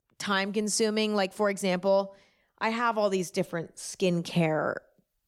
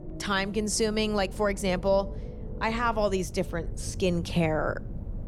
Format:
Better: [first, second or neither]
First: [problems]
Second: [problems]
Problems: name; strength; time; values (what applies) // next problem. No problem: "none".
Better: first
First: none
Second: low rumble; noticeable; throughout; 20 dB below the speech